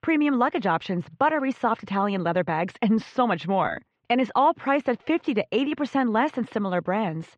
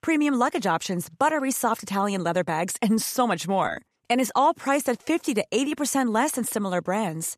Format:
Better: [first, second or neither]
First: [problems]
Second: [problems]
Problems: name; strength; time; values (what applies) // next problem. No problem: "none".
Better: second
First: muffled; very; fading above 3.5 kHz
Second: none